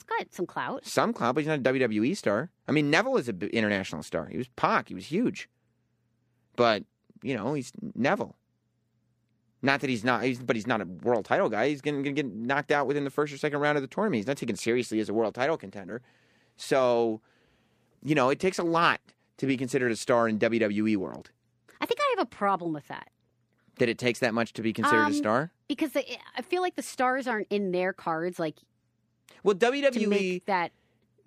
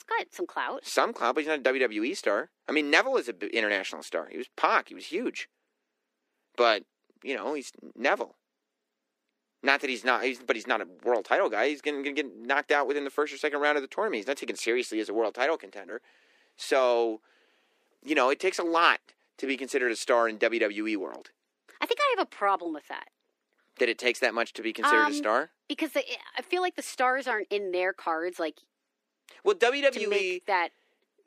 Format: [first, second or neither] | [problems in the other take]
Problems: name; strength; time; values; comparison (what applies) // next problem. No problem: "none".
first | thin; somewhat; fading below 300 Hz